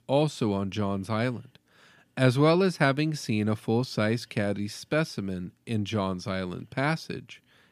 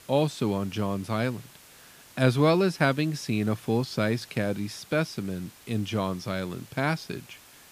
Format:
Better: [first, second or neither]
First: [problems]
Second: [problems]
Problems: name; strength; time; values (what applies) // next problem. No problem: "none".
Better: first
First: none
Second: hiss; faint; throughout; 20 dB below the speech